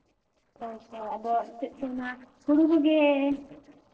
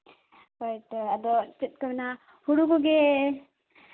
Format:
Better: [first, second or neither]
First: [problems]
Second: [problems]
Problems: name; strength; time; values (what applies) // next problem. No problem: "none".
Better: second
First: noise reduction (neural separator model SepFormer DNS4)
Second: none